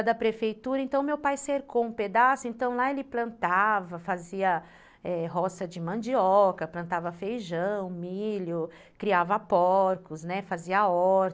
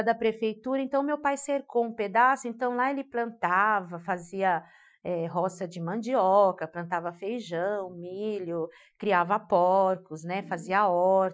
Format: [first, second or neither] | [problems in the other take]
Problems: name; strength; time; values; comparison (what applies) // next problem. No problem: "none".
first | noise reduction (classical method Wiener filter)